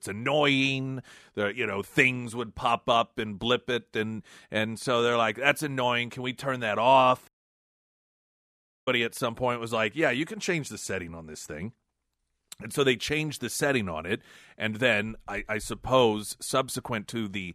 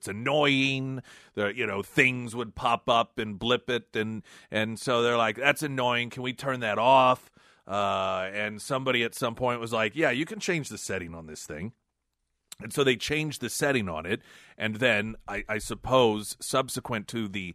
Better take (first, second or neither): second